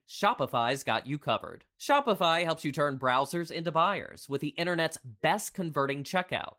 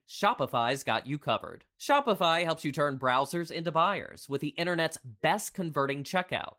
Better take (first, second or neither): neither